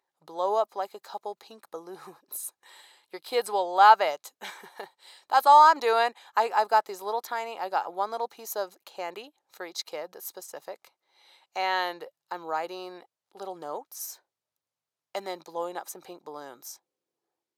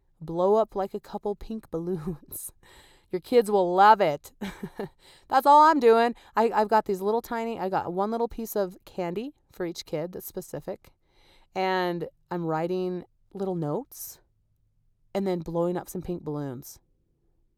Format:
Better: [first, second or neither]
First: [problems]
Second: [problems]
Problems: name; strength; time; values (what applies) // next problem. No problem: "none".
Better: second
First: thin; very; fading below 800 Hz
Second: none